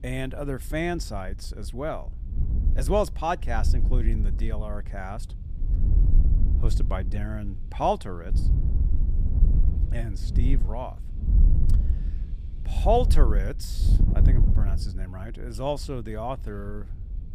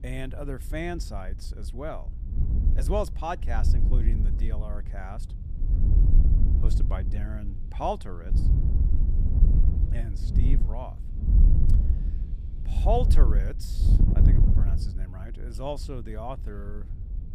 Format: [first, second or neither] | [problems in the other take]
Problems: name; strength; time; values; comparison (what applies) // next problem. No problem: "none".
first | wind noise on the microphone; heavy; 7 dB below the speech; occasional gusts in the first